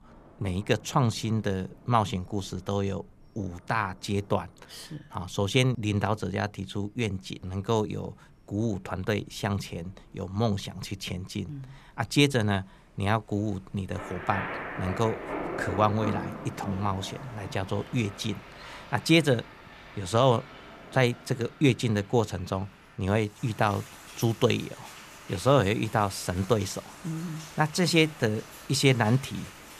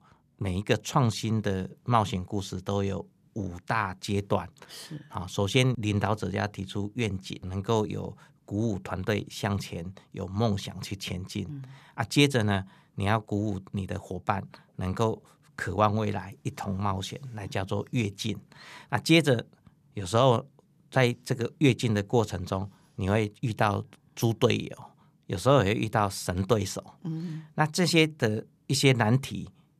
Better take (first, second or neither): second